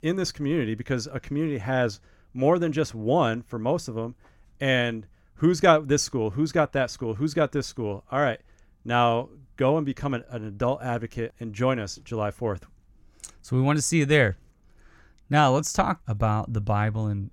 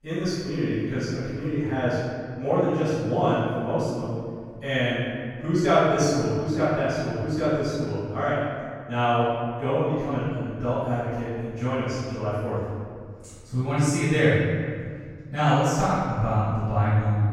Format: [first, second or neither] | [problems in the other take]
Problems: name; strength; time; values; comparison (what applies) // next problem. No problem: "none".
first | off-mic speech; far // room echo; strong; dies away in 1.9 s